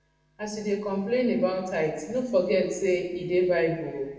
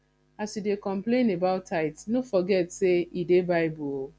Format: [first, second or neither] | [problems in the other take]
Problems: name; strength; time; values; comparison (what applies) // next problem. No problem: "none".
second | room echo; dies away in 1 s